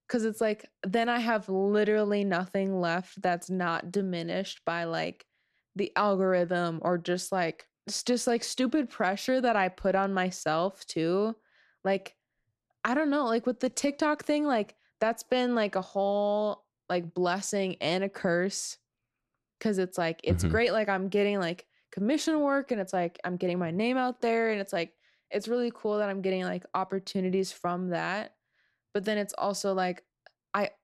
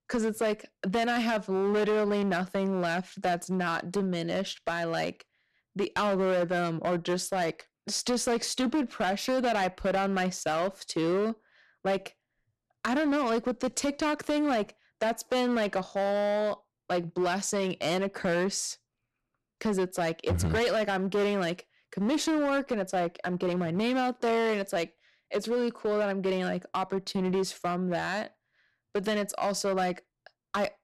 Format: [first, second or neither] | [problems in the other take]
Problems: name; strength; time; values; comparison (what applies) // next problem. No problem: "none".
first | distortion; slight; 12% of the sound clipped